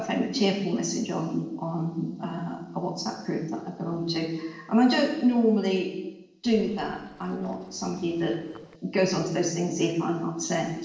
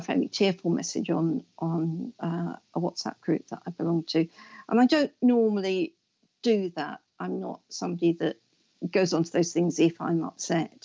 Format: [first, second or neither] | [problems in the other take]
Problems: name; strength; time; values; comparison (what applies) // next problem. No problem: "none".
second | noise reduction (neural separator model SepFormer DNS4)